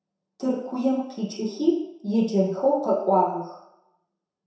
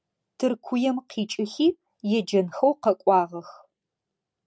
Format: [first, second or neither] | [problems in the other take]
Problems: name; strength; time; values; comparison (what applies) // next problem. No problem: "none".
second | room echo; dies away in 0.7 s